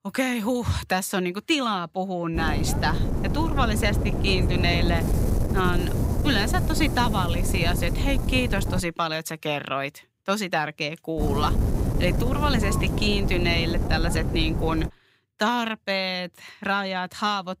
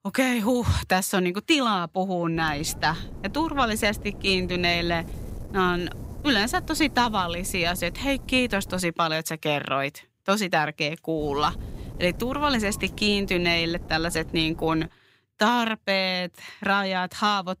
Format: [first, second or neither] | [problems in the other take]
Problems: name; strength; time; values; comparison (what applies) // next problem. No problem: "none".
second | wind noise on the microphone; heavy; from 2.5 to 9 s and from 11 to 15 s; 8 dB below the speech; occasional gusts in the second